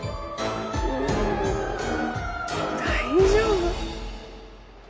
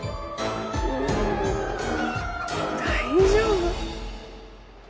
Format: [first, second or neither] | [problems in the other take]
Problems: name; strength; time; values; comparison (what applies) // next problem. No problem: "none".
first | background sound (Chicken, rooster); 16 dB below the speech